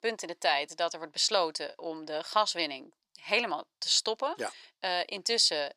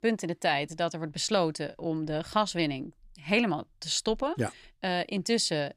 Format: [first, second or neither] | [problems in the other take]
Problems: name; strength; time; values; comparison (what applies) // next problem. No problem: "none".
second | thin; very; fading below 550 Hz